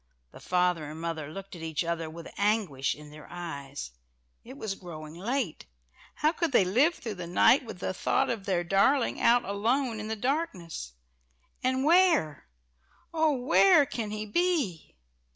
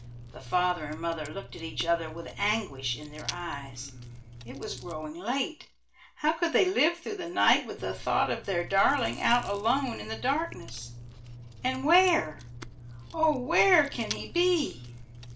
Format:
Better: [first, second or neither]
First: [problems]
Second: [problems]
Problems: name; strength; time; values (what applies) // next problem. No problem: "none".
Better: first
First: none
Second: background sound (Chewing, mastication); 14 dB below the speech // room echo; dies away in 0.3 s